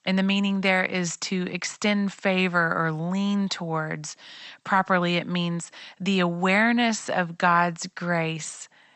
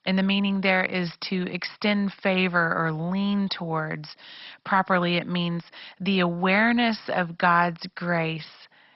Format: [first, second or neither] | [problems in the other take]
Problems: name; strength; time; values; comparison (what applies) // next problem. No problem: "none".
first | garbled, watery; badly; nothing above 5.5 kHz; slightly in the first